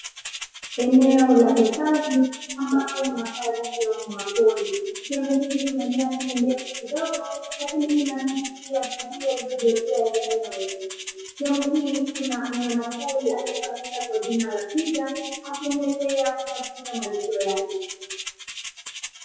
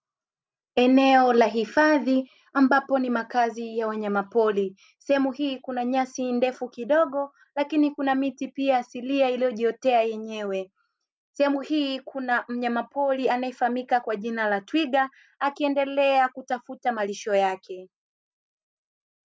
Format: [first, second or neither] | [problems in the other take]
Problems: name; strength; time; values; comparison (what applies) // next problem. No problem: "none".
second | noise reduction (classical method WPE with log-MMSE)